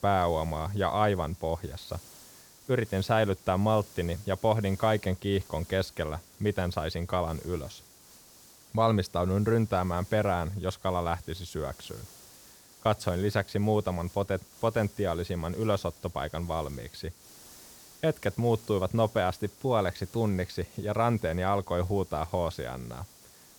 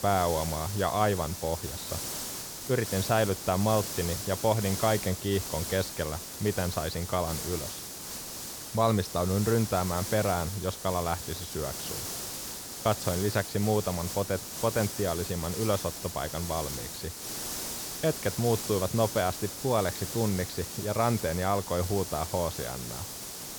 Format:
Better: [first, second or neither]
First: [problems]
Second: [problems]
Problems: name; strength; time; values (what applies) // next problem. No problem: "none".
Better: first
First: hiss; faint; throughout; 20 dB below the speech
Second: hiss; loud; throughout; 6 dB below the speech